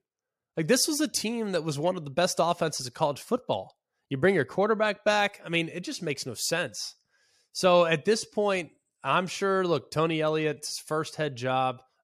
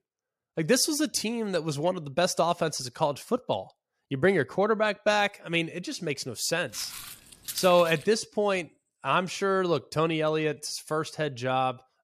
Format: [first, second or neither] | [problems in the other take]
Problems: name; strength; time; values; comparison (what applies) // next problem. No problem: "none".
first | footsteps; noticeable; from 6.5 to 8 s; peak 8 dB below the speech